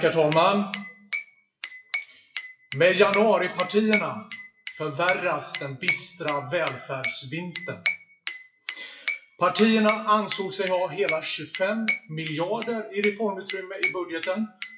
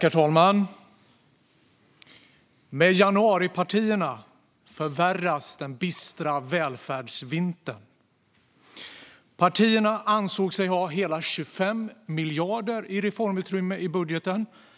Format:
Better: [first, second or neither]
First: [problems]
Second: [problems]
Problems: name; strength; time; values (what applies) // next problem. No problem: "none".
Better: second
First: noise reduction (classical method WPE with log-MMSE)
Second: none